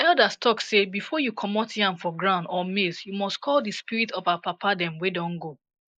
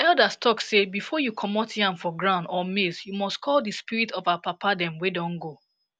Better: second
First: noise reduction (neural mask model Resemble Enhance denoiser)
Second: none

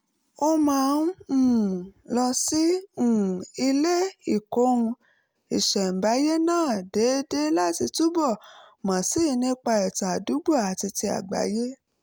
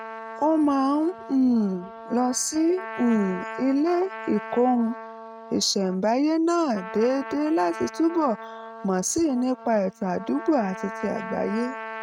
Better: first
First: none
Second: noise reduction (neural mask model RNNoise)

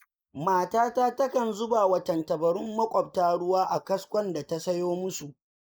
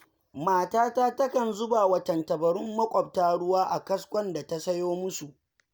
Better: second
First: noise reduction (neural mask model Resemble Enhance denoiser)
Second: none

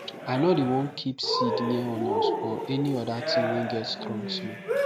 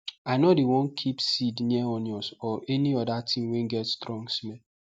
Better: second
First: background sound (Cheering); 1 dB below the speech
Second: none

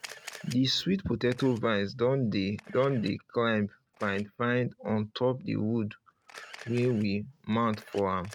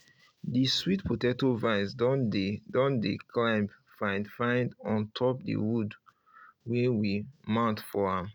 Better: second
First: noise reduction (neural mask model RNNoise)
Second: none

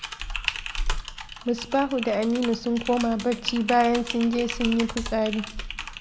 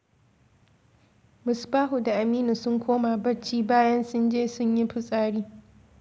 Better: second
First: background sound (Typing); 7 dB below the speech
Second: none

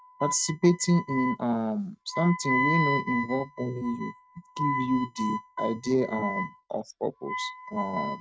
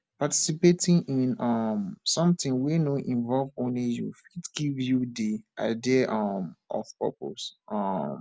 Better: second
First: noise reduction (neural mask model RNNoise)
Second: none

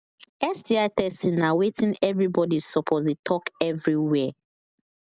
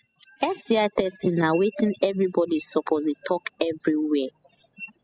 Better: first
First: none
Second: noise reduction (classical method spectral subtraction)

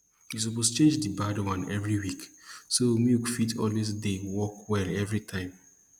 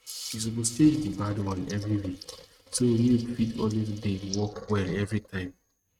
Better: first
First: none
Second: noise reduction (neural mask model RNNoise)

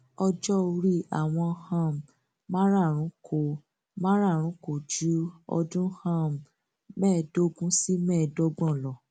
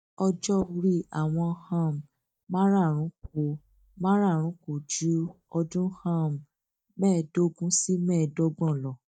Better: first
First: none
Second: noise reduction (neural mask model DeepFilterNet 3)

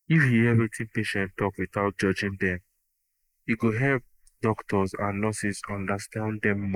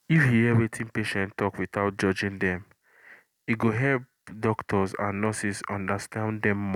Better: second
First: noise reduction (neural mask model Resemble Enhance denoiser)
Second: none

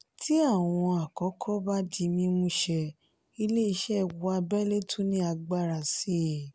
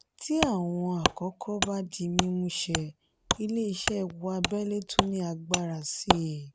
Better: first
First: none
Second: background sound (Wood); 2 dB below the speech

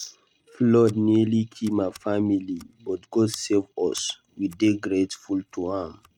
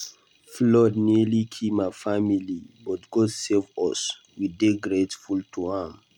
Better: second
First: noise reduction (neural mask model RNNoise)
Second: none

